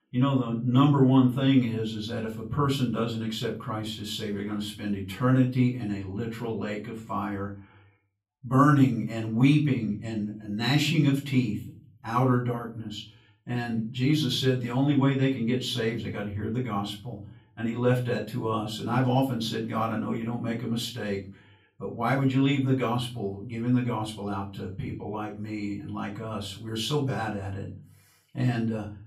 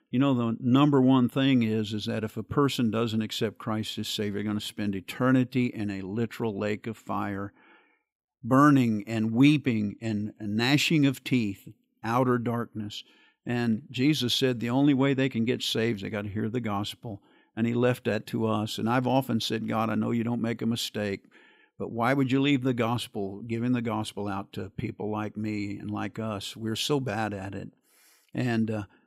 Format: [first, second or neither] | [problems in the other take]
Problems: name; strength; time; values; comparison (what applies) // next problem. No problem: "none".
second | off-mic speech; far // room echo; slight; dies away in 0.4 s